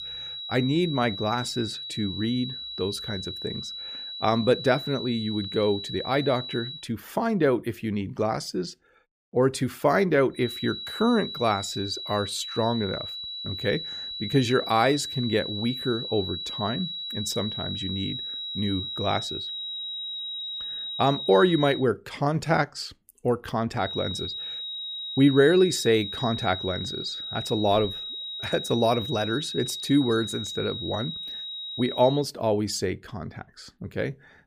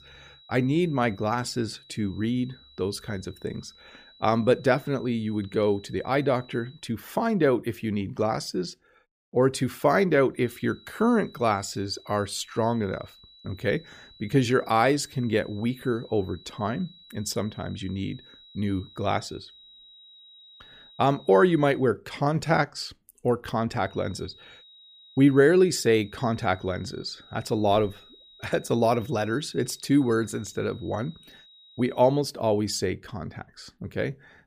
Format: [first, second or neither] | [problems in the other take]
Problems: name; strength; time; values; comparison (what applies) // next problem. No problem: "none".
second | high-pitched whine; loud; until 7 s, from 10 to 22 s and from 24 to 32 s; 4 kHz, 6 dB below the speech; faint in the second